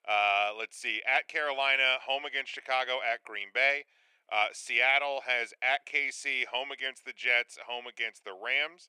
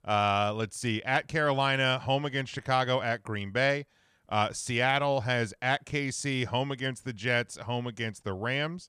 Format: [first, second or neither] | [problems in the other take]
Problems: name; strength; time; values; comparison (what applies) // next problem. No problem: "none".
second | thin; very; fading below 400 Hz